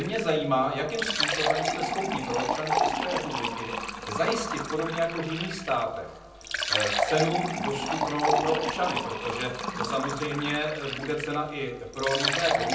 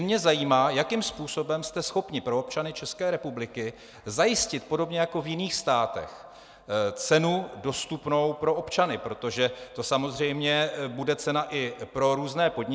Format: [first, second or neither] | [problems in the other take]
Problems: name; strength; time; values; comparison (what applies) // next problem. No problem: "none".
second | background sound (Fill (with liquid)); as loud as the speech // room echo; dies away in 0.6 s